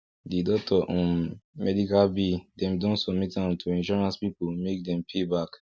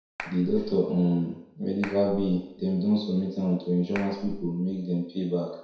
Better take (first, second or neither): first